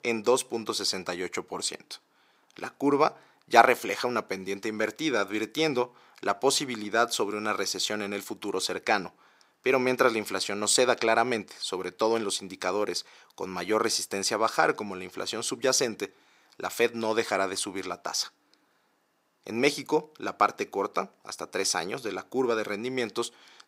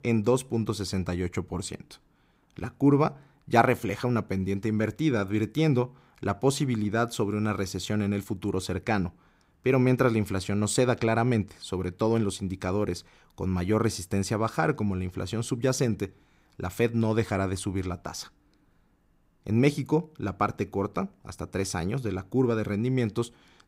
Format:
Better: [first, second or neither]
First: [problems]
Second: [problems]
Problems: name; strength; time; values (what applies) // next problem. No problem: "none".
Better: second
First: thin; somewhat; fading below 500 Hz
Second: none